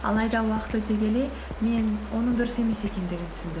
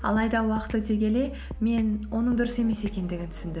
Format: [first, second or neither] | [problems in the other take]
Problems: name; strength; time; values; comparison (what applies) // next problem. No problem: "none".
second | background sound (Stream + Rattle (instrument)); 16 dB below the speech